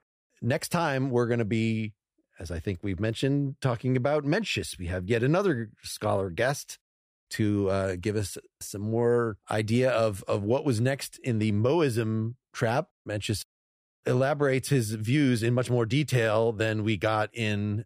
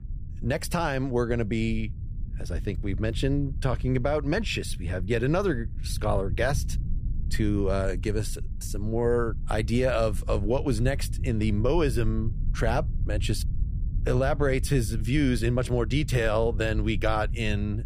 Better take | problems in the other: first | low rumble; faint; throughout; 20 dB below the speech

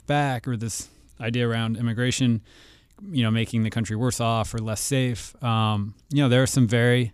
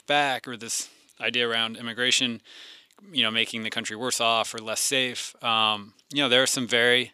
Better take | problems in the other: first | thin; somewhat; fading below 400 Hz

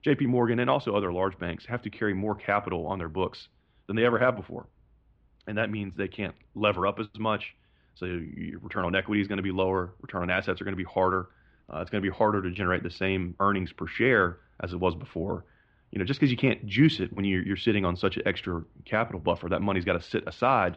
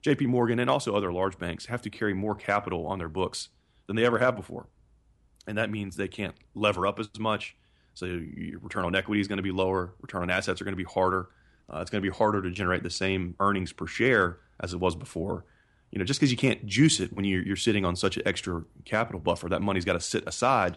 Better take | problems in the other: second | muffled; slightly; fading above 3.5 kHz

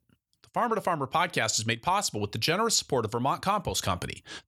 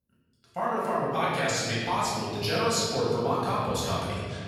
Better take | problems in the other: first | room echo; strong; dies away in 2.4 s // off-mic speech; far

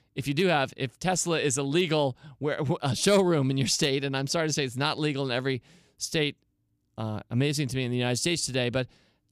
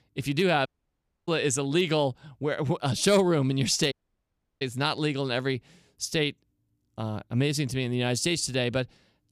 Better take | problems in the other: first | audio cutting out; at 0.5 s for 0.5 s and at 4 s for 0.5 s

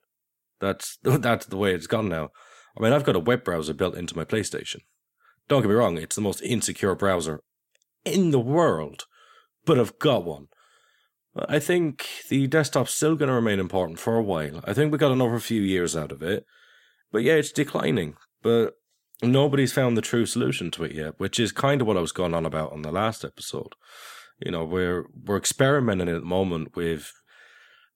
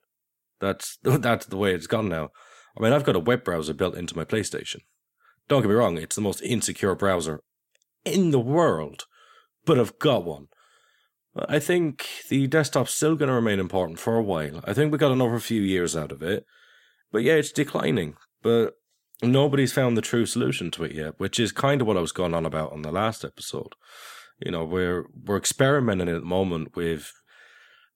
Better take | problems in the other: neither | none

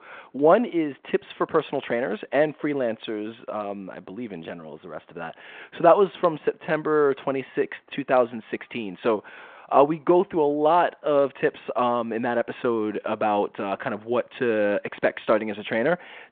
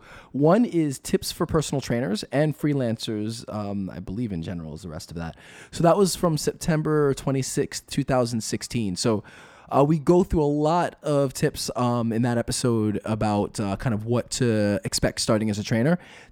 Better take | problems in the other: second | phone-call audio; nothing above 3.5 kHz

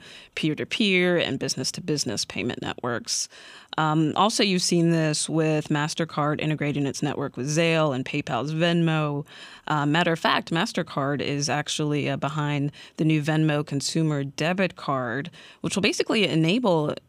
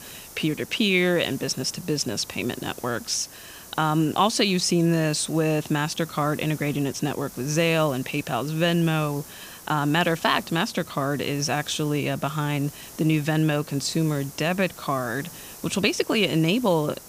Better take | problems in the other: first | hiss; noticeable; throughout; 15 dB below the speech

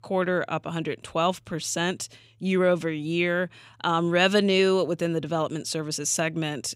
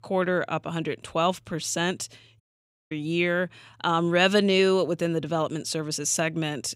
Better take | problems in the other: first | audio cutting out; at 2.5 s for 0.5 s

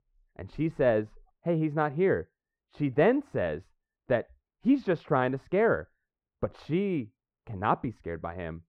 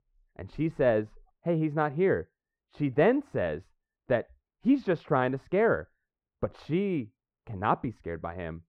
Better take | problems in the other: neither | muffled; very; fading above 2.5 kHz; the same in both

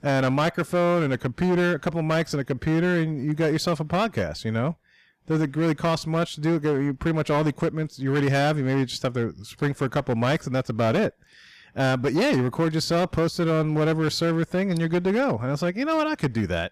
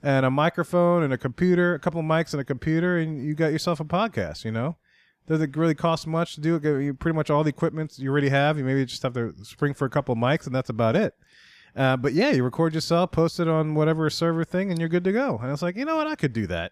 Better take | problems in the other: second | distortion; slight; 13% of the sound clipped

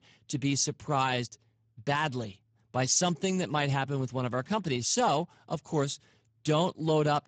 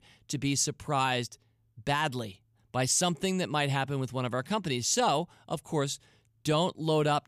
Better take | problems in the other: second | garbled, watery; badly; nothing above 7.5 kHz

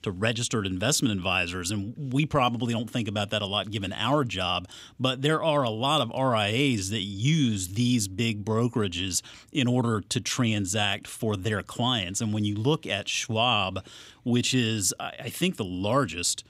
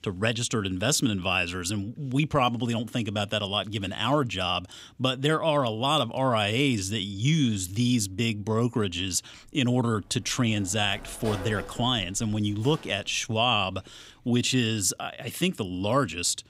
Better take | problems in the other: first | door banging; faint; from 9.5 to 14 s; peak 10 dB below the speech

